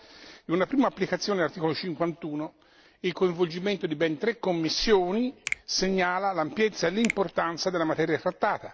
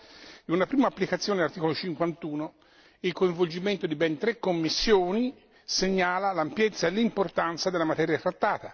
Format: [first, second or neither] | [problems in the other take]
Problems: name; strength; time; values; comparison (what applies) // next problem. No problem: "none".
second | background sound (Finger snapping); 13 dB below the speech